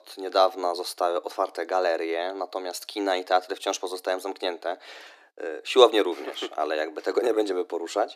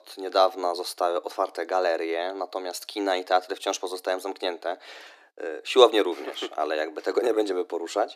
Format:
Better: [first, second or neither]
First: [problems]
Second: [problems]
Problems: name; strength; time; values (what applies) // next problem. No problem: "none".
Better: neither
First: thin; very; fading below 300 Hz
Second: thin; very; fading below 300 Hz